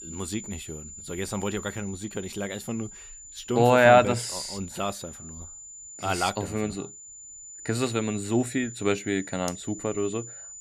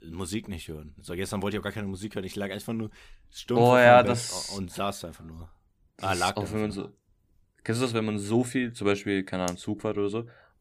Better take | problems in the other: second | high-pitched whine; noticeable; throughout; 7 kHz, 15 dB below the speech

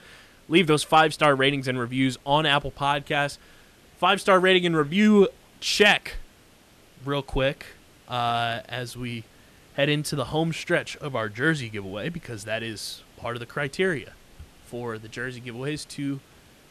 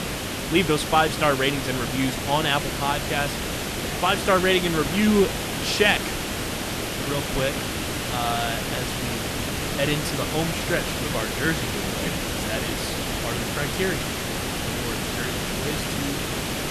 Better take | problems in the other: first | hiss; loud; throughout; 2 dB below the speech; faint in the first

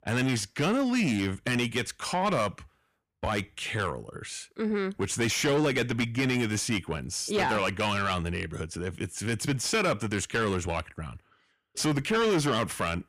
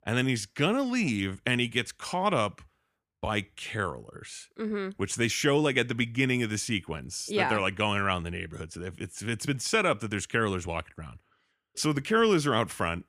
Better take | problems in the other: second | distortion; heavy; 8 dB below the speech

